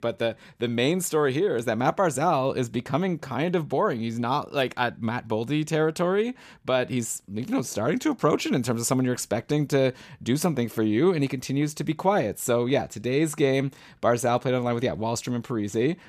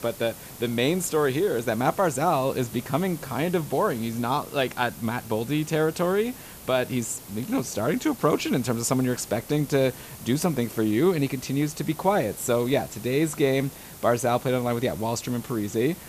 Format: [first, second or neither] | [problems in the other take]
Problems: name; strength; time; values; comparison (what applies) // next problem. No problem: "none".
first | hiss; noticeable; throughout; 15 dB below the speech